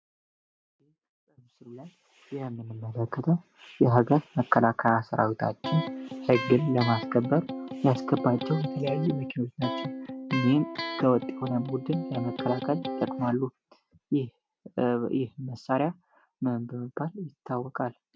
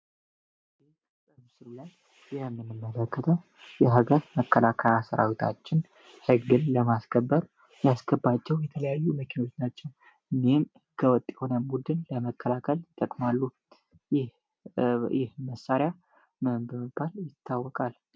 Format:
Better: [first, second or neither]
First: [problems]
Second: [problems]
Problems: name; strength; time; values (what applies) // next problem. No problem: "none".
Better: second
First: background sound (Electric guitar); 6 dB below the speech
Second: none